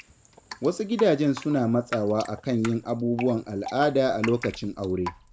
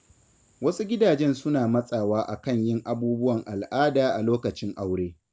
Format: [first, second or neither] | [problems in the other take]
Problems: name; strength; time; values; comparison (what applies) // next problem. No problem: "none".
second | background sound (Drip); 15 dB below the speech